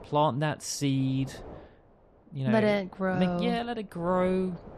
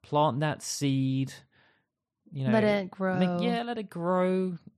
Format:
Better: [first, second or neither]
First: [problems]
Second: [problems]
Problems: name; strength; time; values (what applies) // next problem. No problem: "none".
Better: second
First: wind noise on the microphone; occasional gusts; 20 dB below the speech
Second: none